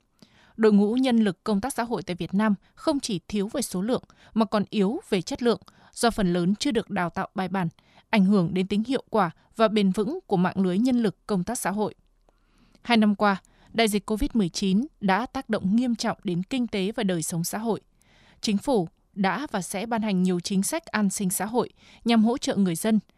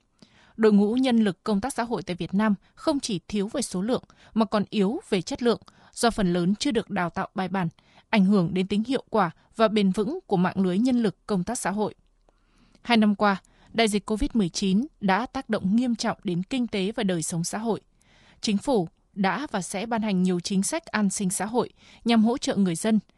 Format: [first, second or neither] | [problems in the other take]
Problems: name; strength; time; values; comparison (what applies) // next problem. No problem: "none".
first | garbled, watery; slightly; nothing above 11 kHz